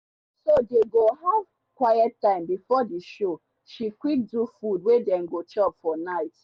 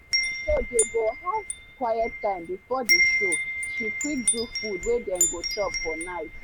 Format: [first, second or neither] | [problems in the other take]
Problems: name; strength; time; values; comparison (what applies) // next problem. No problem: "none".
first | background sound (Wind chime); 2 dB above the speech